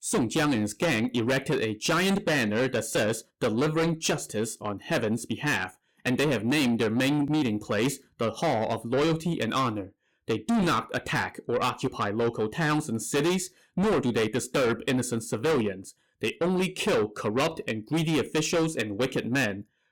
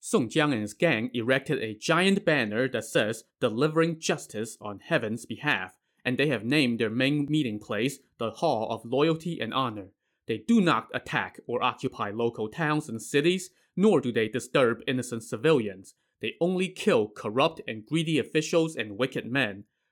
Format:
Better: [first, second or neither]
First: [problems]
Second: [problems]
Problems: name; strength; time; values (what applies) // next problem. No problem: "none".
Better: second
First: distortion; heavy; 6 dB below the speech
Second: none